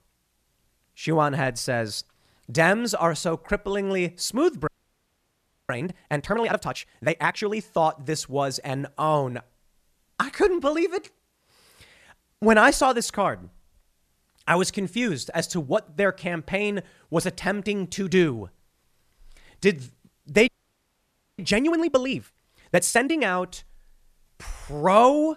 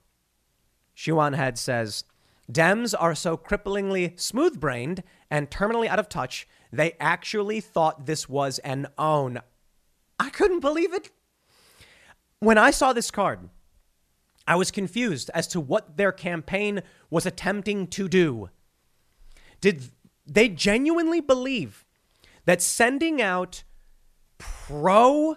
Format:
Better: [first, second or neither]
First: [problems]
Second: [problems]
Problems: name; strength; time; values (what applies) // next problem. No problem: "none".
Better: second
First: audio freezing; at 4.5 s for 1 s and at 20 s for 1 s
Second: none